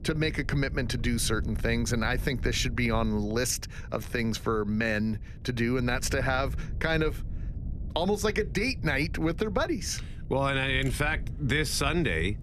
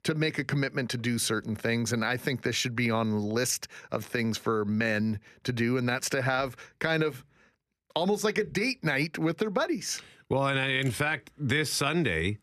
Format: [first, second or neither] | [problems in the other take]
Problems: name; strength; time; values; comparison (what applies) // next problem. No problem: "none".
second | wind noise on the microphone; occasional gusts; 20 dB below the speech